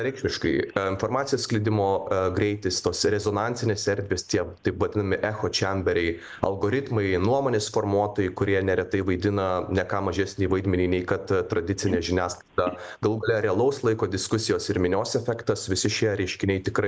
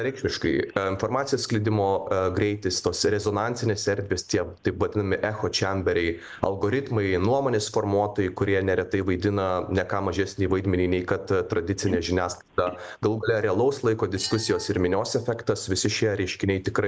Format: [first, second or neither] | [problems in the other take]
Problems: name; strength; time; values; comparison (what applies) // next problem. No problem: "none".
first | noise reduction (neural separator model SepFormer DNS4)